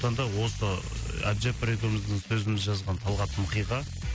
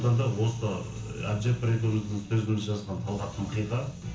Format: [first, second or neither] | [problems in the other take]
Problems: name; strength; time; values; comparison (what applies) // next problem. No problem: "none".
first | room echo; dies away in 0.7 s